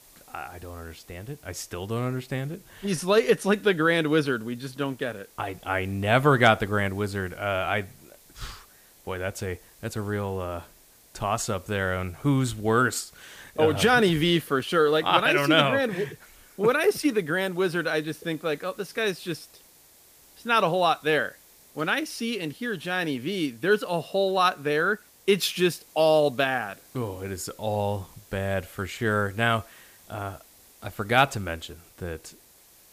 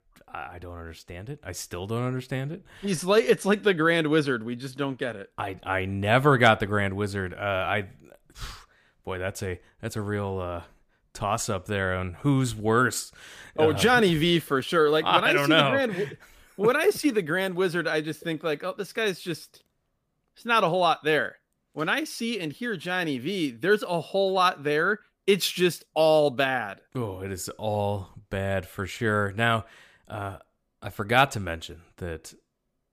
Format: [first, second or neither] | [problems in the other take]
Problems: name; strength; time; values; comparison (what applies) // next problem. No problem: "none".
second | hiss; faint; throughout; 25 dB below the speech